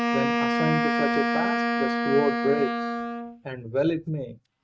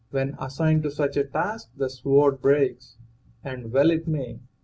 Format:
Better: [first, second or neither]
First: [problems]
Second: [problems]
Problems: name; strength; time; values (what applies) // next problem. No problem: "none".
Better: second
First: noise reduction (neural mask model RNNoise)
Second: none